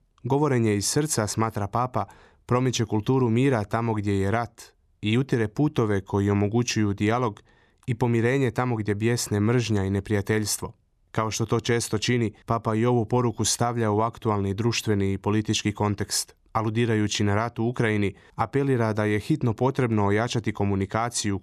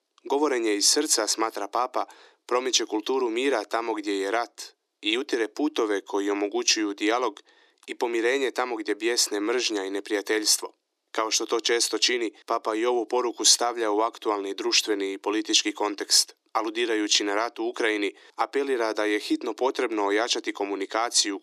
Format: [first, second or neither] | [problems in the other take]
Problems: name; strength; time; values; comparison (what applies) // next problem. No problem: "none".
first | thin; very; fading below 300 Hz